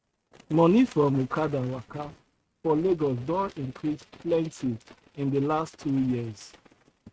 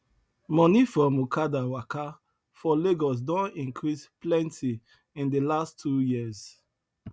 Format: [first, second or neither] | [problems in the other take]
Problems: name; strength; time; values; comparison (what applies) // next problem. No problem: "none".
second | noise reduction (neural mask model RNNoise)